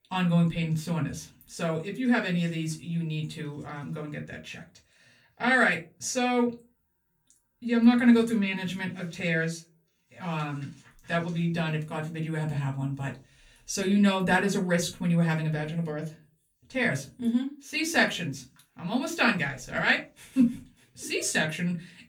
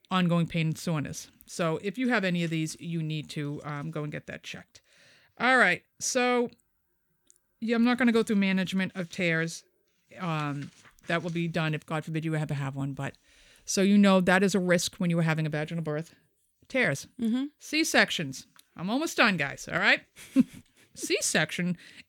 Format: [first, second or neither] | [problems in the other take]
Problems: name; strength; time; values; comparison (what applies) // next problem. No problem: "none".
second | off-mic speech; far // room echo; very slight; dies away in 0.2 s